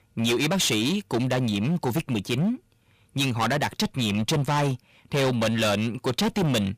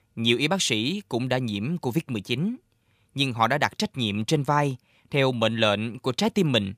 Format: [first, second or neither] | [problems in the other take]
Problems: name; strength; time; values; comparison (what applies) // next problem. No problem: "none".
second | distortion; heavy; 19% of the sound clipped